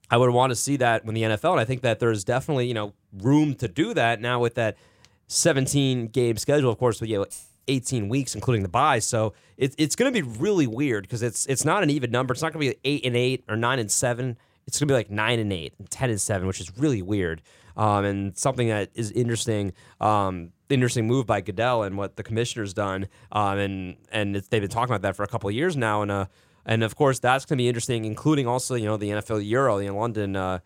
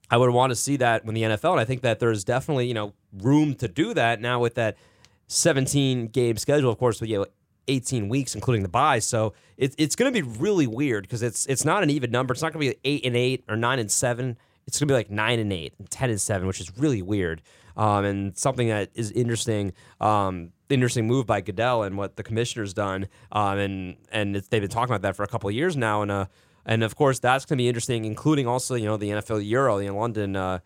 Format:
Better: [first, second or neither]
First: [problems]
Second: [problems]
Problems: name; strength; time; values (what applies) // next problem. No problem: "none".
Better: second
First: jangling keys; faint; at 7.5 s; peak 15 dB below the speech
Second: none